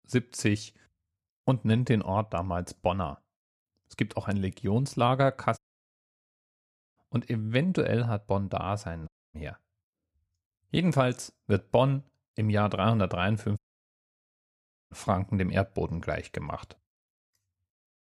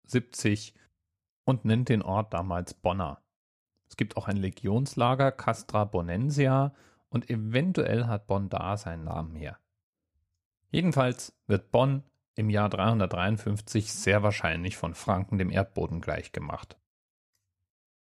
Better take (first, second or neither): second